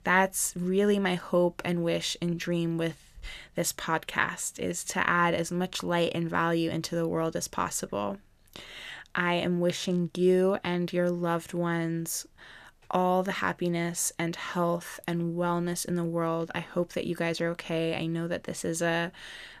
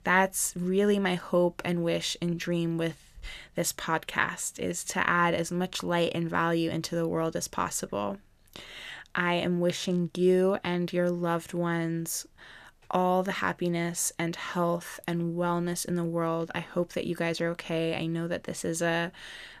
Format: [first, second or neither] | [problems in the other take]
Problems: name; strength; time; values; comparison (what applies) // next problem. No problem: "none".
neither | none